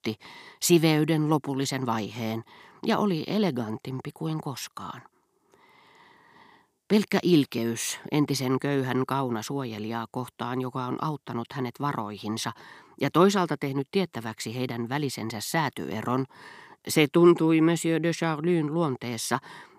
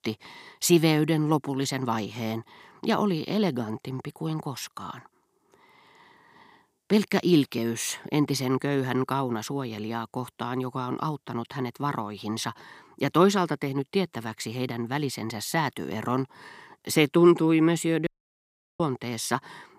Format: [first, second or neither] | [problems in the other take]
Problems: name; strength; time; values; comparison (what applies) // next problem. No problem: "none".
first | audio cutting out; at 18 s for 0.5 s